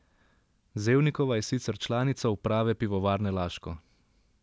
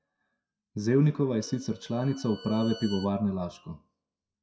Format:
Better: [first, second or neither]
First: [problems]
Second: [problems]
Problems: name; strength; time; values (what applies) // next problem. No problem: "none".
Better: first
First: none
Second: noise reduction (classical method WPE with log-MMSE)